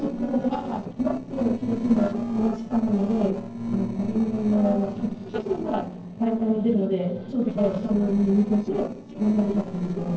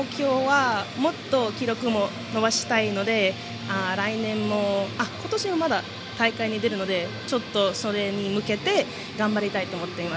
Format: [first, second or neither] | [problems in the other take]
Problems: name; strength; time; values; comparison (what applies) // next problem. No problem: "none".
second | noise reduction (neural separator model SepFormer DNS4)